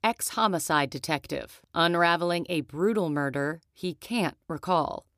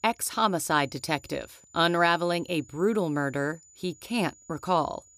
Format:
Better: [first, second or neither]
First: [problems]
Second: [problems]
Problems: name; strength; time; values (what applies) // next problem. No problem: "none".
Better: first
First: none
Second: high-pitched whine; faint; throughout; 7 kHz, 25 dB below the speech